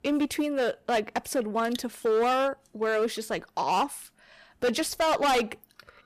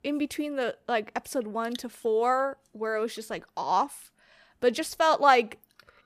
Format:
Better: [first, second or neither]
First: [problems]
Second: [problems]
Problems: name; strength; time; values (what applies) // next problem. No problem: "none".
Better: second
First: distortion; heavy; 12% of the sound clipped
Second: none